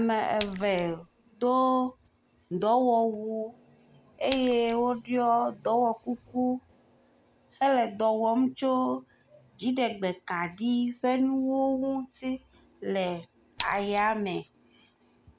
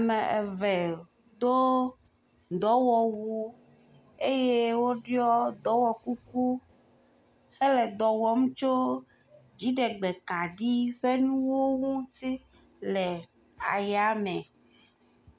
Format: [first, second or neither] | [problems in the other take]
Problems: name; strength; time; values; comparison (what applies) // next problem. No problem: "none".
second | background sound (Splash, splatter); 16 dB below the speech